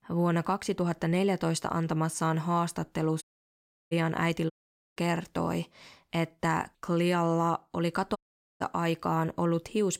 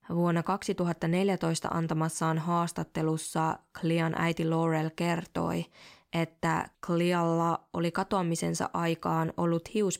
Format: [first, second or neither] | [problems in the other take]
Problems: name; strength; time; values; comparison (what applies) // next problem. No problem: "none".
second | audio cutting out; at 3 s for 0.5 s, at 4.5 s and at 8 s